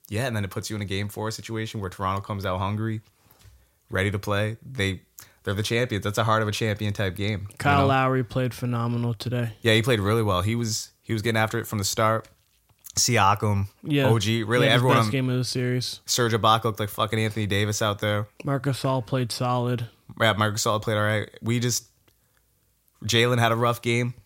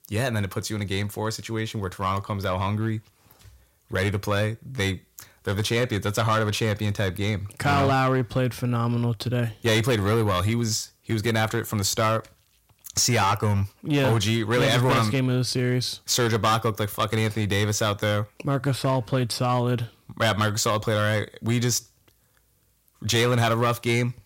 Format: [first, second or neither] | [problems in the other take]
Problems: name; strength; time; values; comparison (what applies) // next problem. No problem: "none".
first | distortion; slight; 6% of the sound clipped